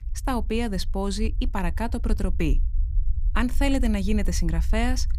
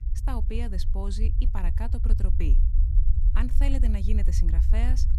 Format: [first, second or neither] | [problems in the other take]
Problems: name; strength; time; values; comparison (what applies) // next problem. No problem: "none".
first | low rumble; loud; throughout; 7 dB below the speech; faint in the first